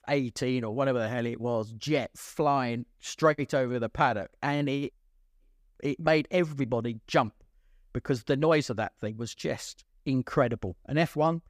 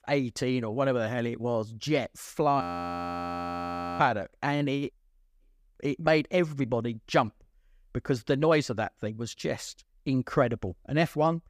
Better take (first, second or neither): first